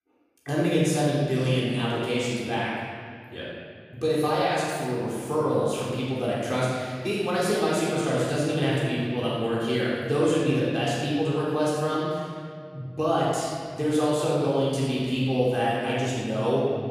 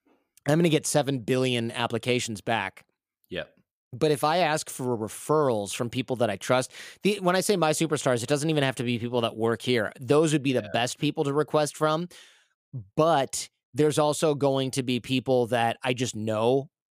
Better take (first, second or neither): second